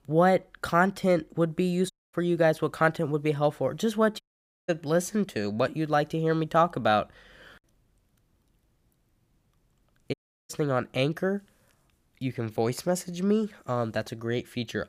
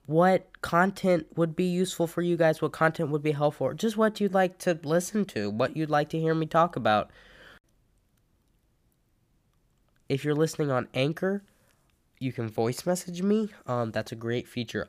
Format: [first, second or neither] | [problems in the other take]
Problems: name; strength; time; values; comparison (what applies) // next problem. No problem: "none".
second | audio cutting out; at 2 s, at 4 s and at 10 s